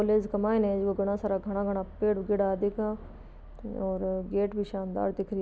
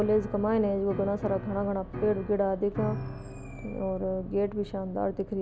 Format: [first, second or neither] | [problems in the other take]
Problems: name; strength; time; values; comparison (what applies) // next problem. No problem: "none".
first | background sound (Piano); 11 dB below the speech